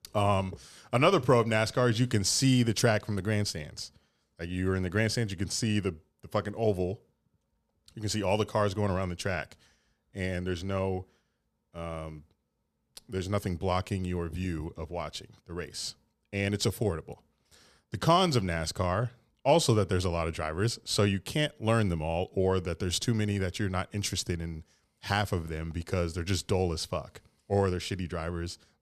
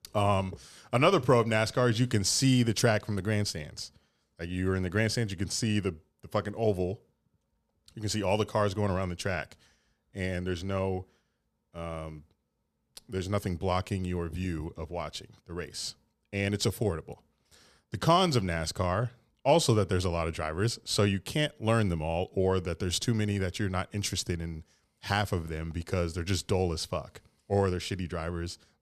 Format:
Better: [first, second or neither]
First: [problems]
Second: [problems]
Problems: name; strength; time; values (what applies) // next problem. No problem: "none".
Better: neither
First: none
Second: none